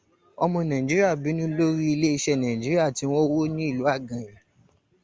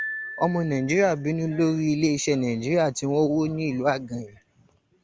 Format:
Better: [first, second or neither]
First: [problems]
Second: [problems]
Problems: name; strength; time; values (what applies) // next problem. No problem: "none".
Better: first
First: none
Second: background sound (Piano); 17 dB below the speech